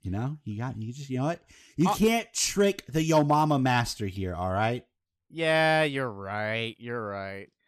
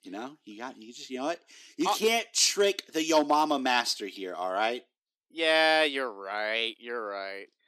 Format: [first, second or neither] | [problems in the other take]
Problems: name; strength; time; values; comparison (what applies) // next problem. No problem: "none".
first | thin; somewhat; fading below 300 Hz